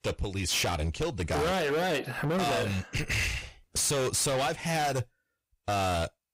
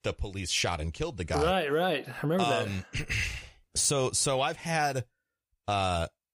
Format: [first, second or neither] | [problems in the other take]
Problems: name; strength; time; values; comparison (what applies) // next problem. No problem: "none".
second | distortion; heavy; 24% of the sound clipped